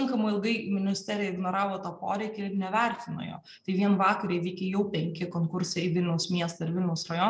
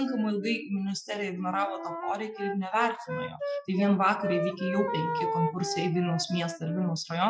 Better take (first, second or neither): first